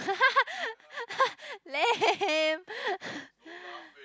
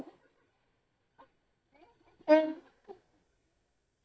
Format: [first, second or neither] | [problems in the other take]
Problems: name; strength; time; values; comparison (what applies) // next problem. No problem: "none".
first | noise reduction (neural mask model DeepFilterNet 3)